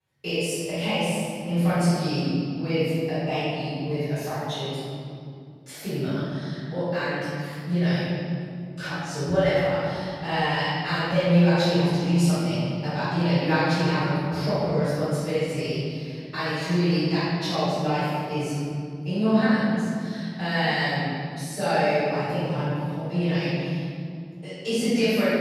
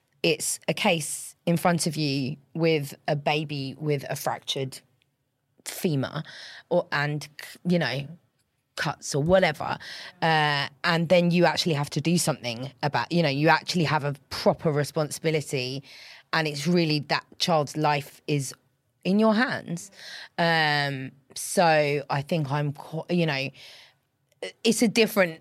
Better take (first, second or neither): second